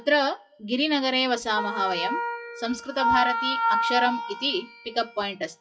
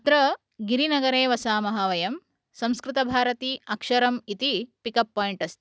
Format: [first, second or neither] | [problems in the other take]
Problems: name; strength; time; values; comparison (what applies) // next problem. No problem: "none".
second | noise reduction (classical method WPE with log-MMSE)